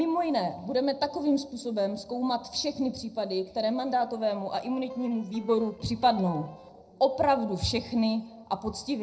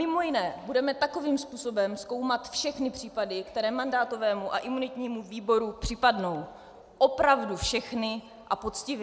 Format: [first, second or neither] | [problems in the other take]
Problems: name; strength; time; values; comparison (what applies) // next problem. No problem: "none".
second | noise reduction (neural separator model SepFormer DNS4)